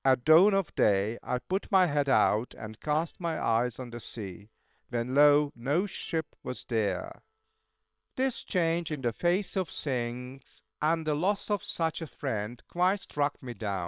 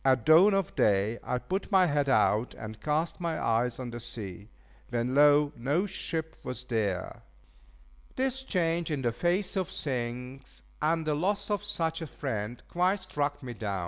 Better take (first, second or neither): second